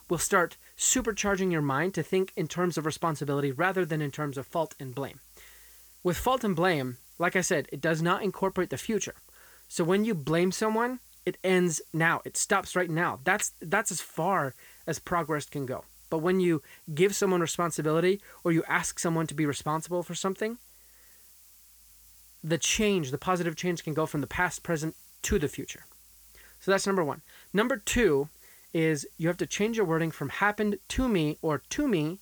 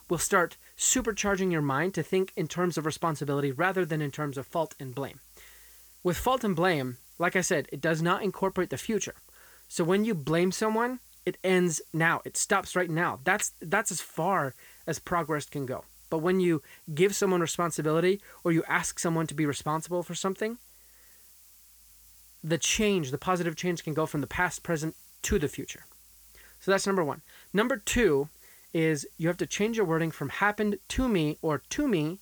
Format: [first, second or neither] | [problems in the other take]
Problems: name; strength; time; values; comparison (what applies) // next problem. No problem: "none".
neither | hiss; faint; throughout; 25 dB below the speech; the same in both